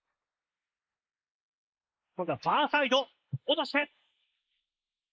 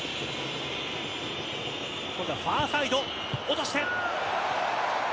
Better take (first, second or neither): second